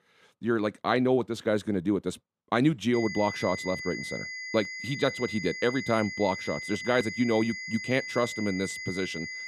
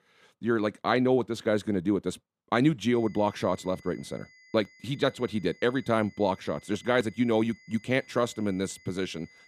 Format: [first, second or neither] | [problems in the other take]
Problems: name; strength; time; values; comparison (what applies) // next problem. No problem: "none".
second | high-pitched whine; loud; from 3 s on; 2 kHz, 7 dB below the speech; faint in the second